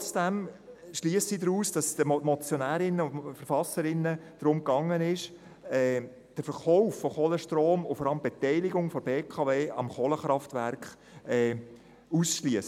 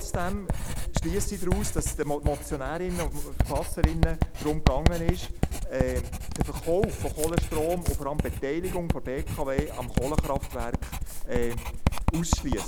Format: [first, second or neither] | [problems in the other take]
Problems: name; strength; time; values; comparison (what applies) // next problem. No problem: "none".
first | background sound (Writing); 3 dB above the speech